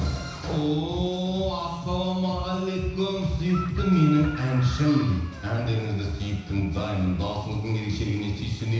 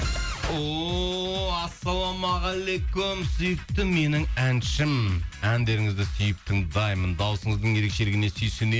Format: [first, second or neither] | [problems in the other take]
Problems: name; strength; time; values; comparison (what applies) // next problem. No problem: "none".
second | background sound (Chicken, rooster); 19 dB below the speech // room echo; dies away in 1 s